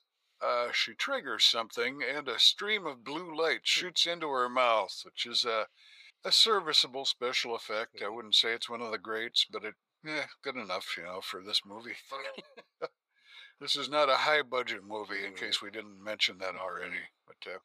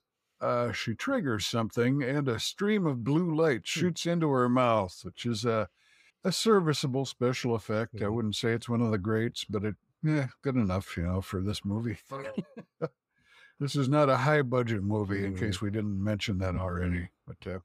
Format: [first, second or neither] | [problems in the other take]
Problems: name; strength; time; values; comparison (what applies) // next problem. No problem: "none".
second | thin; very; fading below 700 Hz